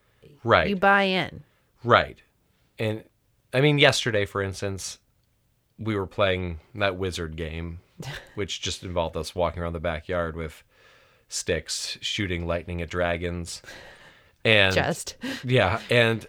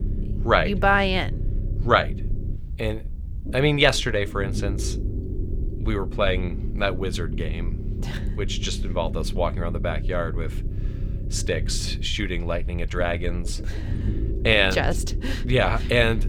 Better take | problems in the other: first | low rumble; noticeable; throughout; 20 dB below the speech

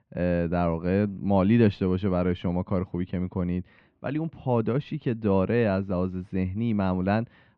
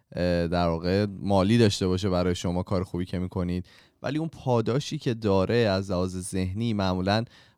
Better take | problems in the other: second | muffled; very; fading above 2.5 kHz

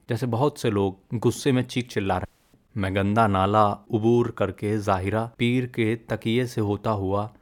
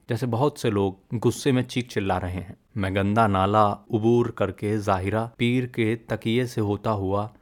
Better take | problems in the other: second | audio cutting out; at 2.5 s

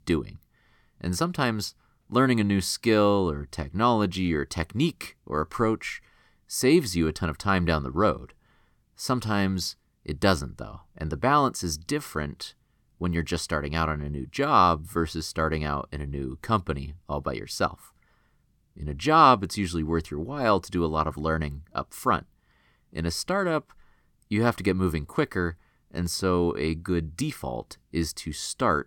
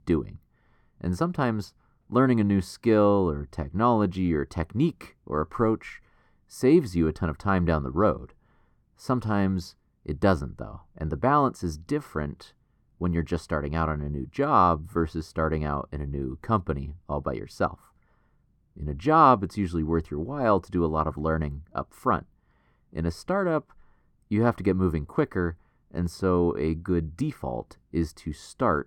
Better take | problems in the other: first | muffled; slightly; fading above 2 kHz

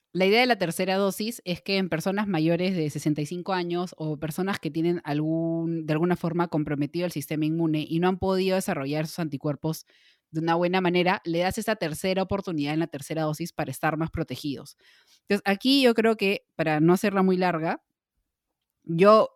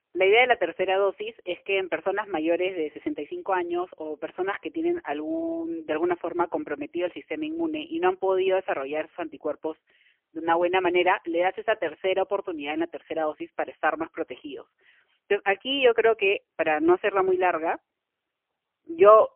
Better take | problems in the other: first | phone-call audio; poor line; nothing above 3 kHz

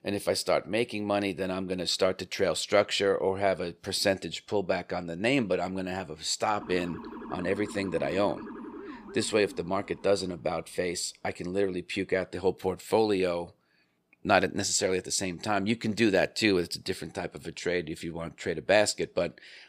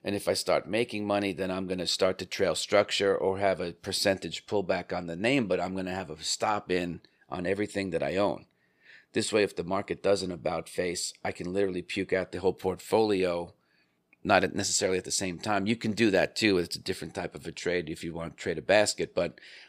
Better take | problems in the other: second | siren; faint; from 6.5 to 10 s; peak 10 dB below the speech

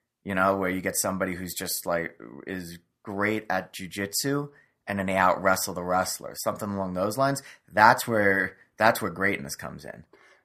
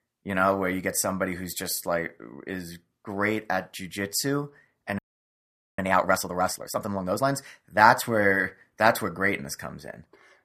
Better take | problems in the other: first | audio freezing; at 5 s for 1 s

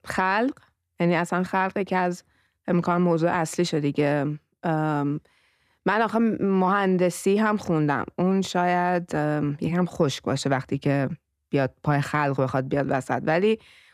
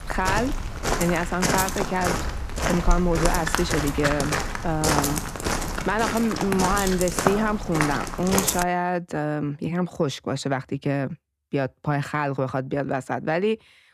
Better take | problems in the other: first | footsteps; loud; until 8.5 s; peak 3 dB above the speech

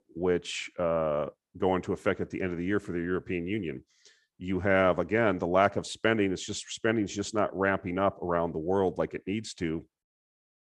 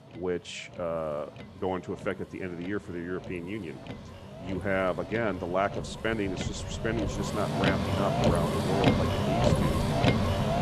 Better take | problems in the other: first | traffic noise; very loud; throughout; 4 dB above the speech

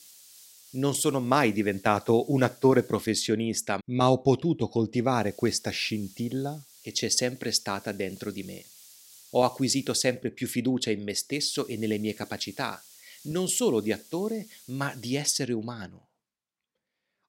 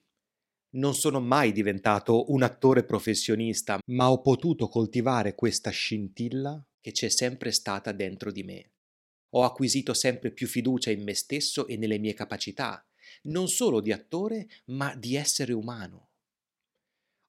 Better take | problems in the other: second | hiss; faint; until 3 s, from 5 to 10 s and from 11 to 15 s; 25 dB below the speech

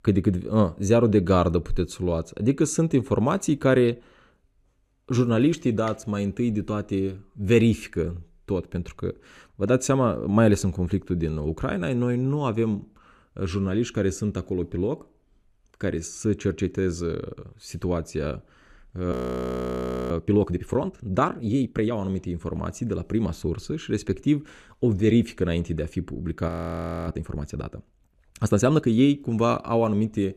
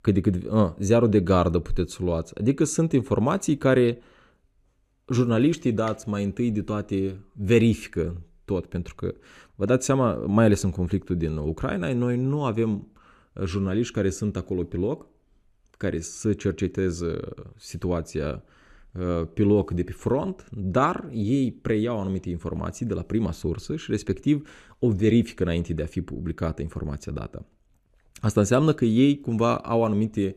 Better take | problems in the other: second | audio freezing; at 19 s for 1 s and at 26 s for 0.5 s

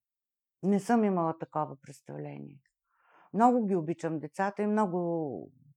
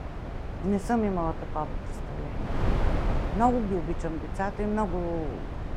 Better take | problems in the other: first | wind noise on the microphone; heavy; 8 dB below the speech

